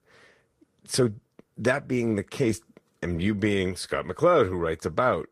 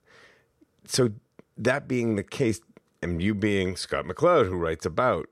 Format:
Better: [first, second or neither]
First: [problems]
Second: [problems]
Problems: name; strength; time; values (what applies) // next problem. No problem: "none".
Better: second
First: garbled, watery; slightly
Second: none